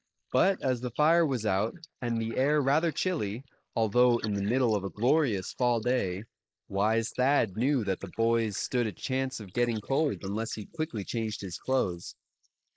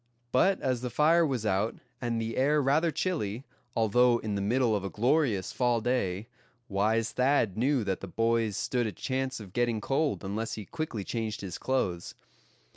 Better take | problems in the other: second | noise reduction (neural mask model Resemble Enhance denoiser)

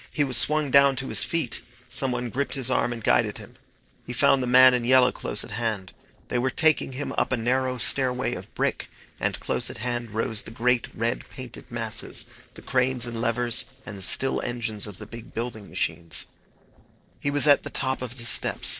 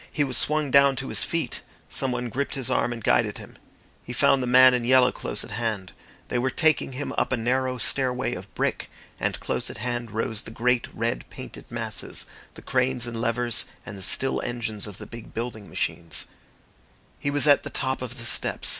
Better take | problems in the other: second | noise reduction (neural separator model SepFormer DNS4)

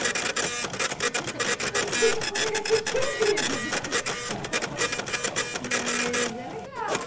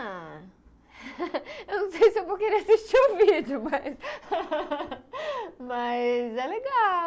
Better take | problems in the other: second | background sound (Printer); 3 dB above the speech // room echo; dies away in 0.3 s

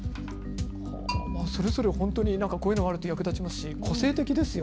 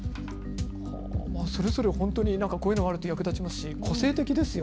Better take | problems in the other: second | background sound (Bell); 17 dB below the speech

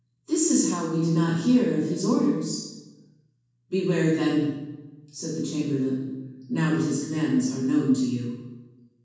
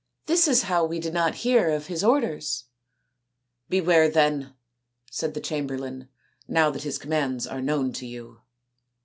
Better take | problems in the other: second | room echo; dies away in 1.2 s

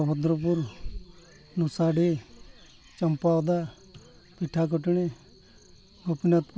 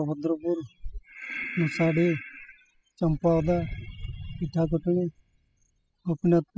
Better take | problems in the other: first | noise reduction (classical method spectral subtraction)

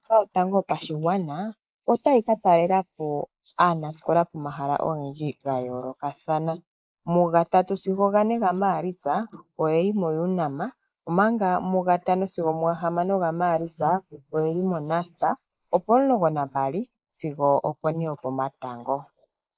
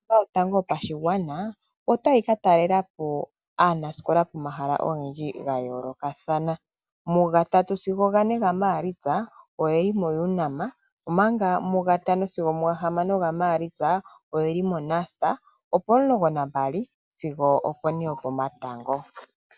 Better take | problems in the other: second | noise reduction (neural mask model Resemble Enhance denoiser)

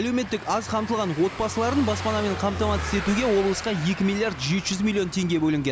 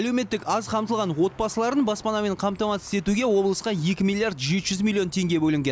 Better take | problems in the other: second | background sound (Car passing by / Engine); 9 dB below the speech

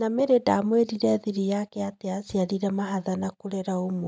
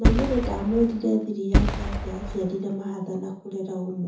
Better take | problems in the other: first | background sound (Fireworks); 2 dB above the speech // room echo; dies away in 0.6 s

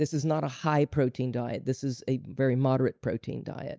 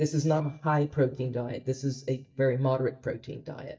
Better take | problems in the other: first | noise reduction (neural mask model DeepFilterNet 3)

